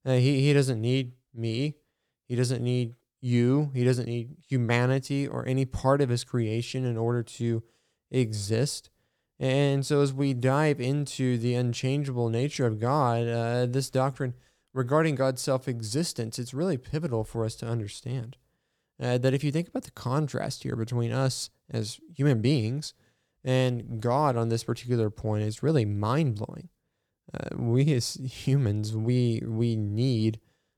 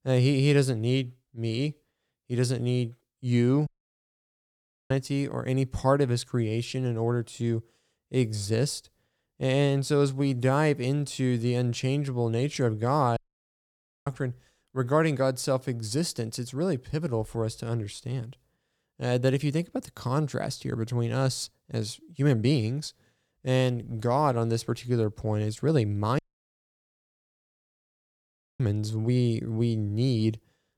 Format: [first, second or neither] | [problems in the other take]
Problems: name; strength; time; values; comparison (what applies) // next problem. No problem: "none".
first | audio cutting out; at 3.5 s for 1 s, at 13 s for 1 s and at 26 s for 2.5 s